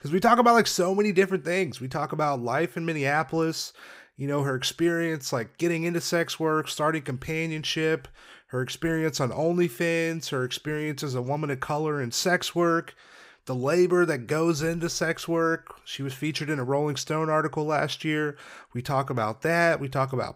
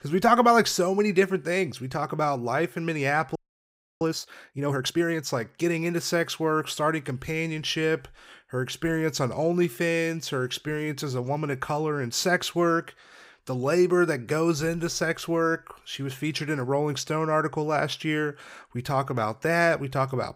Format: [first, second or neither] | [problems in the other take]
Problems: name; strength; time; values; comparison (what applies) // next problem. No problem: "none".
first | audio freezing; at 3.5 s for 0.5 s